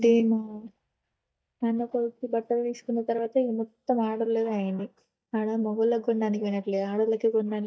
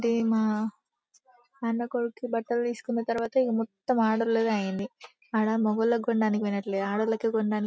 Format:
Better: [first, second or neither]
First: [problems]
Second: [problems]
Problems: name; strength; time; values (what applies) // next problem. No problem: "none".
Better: second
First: noise reduction (neural mask model DeepFilterNet 3)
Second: none